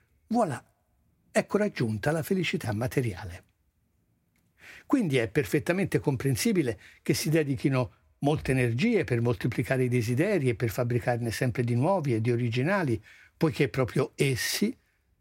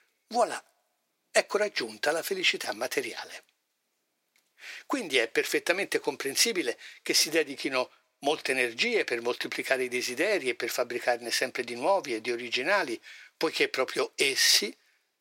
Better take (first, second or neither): first